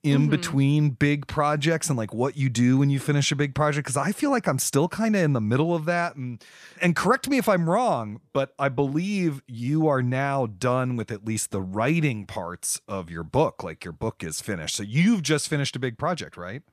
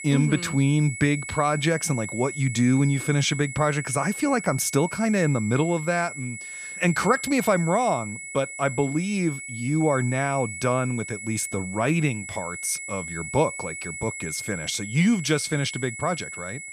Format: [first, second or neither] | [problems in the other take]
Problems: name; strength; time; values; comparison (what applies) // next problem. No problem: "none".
first | high-pitched whine; loud; throughout; 2 kHz, 9 dB below the speech